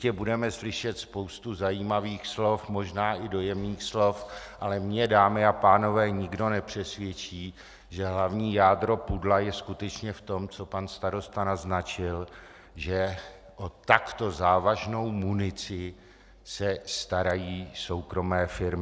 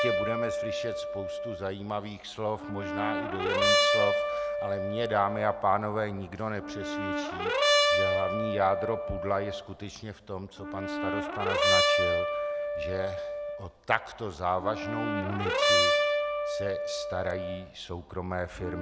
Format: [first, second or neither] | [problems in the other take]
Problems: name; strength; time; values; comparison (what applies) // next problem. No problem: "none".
first | background sound (Brass instrument); 4 dB above the speech